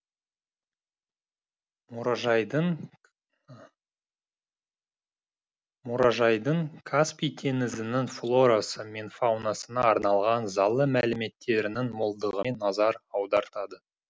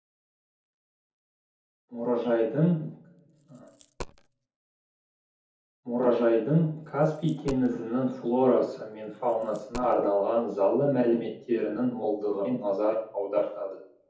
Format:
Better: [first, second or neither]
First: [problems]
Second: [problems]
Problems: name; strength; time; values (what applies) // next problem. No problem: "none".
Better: first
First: none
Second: background sound (Coin (dropping)); 18 dB below the speech // room echo; dies away in 0.6 s